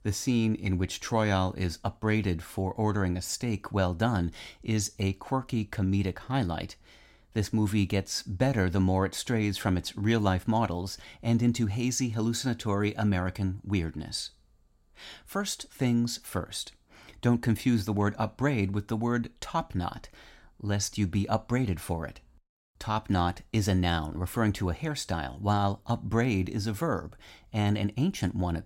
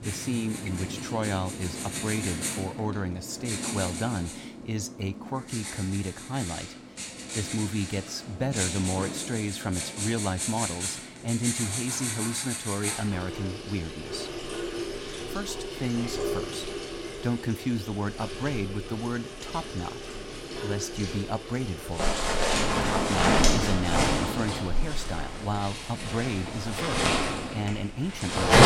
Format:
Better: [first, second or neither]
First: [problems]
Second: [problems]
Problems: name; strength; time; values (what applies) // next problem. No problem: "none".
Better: first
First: none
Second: household noises; very loud; throughout; 1 dB above the speech